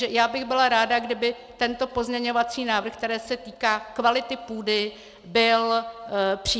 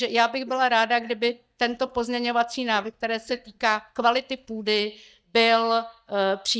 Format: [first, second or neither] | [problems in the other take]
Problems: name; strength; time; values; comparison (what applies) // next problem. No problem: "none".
first | noise reduction (neural mask model DeepFilterNet 3)